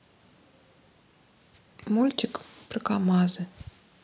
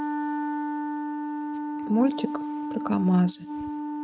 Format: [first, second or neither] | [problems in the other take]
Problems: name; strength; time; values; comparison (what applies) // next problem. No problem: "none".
first | noise reduction (neural mask model RNNoise)